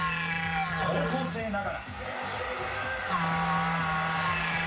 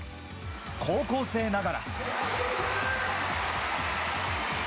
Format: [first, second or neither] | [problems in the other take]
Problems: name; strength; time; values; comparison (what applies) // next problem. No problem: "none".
second | background sound (Musical instrument); 2 dB above the speech // room echo; dies away in 0.3 s